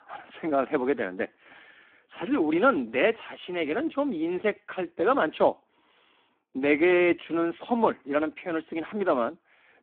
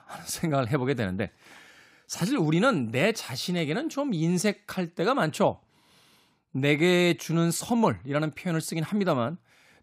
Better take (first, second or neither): second